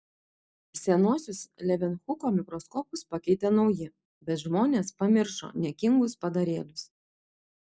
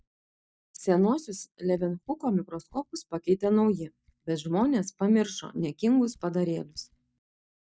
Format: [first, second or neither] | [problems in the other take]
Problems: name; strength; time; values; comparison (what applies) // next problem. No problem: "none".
first | noise reduction (neural mask model DeepFilterNet 3)